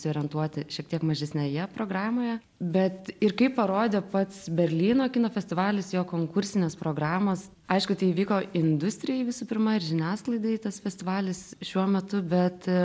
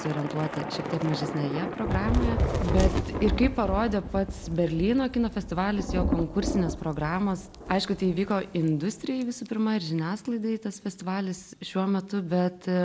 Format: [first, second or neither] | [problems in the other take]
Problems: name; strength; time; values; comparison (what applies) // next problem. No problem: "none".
first | background sound (Thunder / Rain); 4 dB below the speech